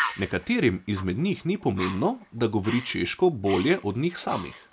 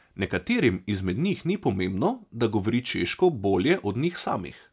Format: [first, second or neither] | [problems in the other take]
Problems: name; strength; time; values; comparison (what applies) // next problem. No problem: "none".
second | background sound (Bird); 12 dB below the speech